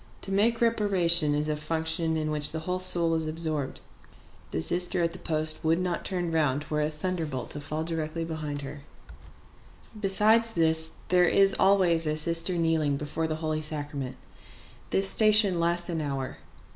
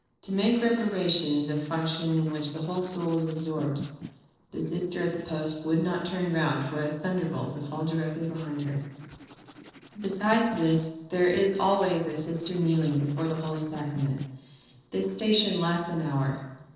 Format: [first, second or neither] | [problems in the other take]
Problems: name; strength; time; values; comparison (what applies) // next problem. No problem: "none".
first | noise reduction (neural separator model SepFormer DNS4)